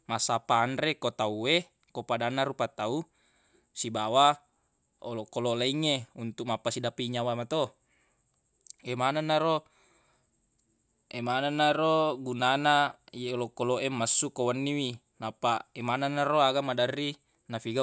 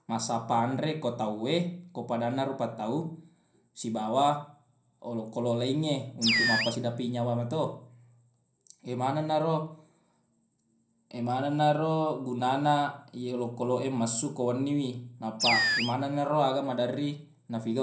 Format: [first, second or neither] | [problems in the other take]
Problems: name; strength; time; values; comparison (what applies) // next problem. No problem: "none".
first | background sound (Animal); as loud as the speech // room echo; dies away in 0.5 s